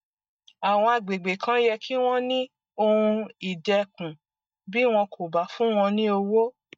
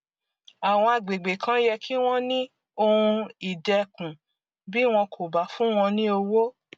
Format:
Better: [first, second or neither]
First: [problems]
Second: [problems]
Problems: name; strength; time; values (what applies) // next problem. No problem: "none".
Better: second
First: noise reduction (neural mask model DeepFilterNet 3)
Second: none